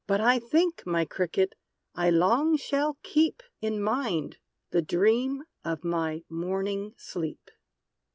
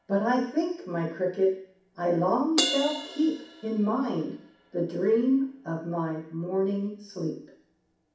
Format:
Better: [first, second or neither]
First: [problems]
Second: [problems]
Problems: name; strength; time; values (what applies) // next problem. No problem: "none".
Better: first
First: none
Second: background sound (Crash cymbal); 12 dB below the speech // room echo; dies away in 0.6 s